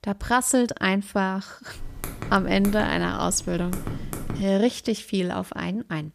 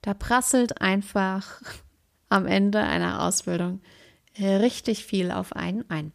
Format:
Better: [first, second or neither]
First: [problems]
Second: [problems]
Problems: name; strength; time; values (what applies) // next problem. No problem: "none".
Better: second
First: keyboard typing; noticeable; from 2 to 4.5 s; peak 9 dB below the speech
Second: none